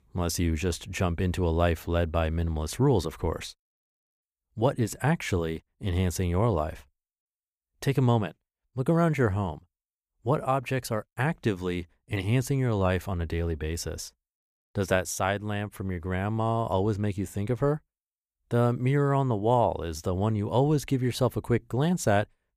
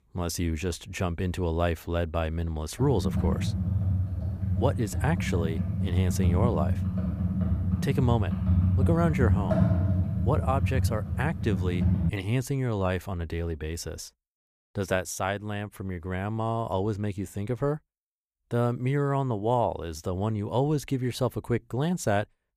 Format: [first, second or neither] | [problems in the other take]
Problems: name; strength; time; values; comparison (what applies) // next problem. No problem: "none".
first | keyboard typing; loud; from 3 to 12 s; peak 6 dB above the speech